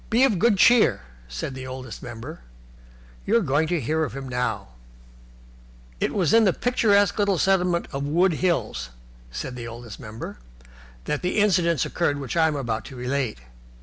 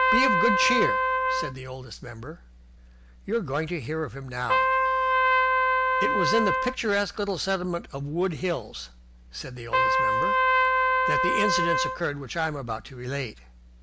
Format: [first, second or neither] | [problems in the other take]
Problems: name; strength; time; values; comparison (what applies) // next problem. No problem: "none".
first | background sound (Trumpet); 4 dB above the speech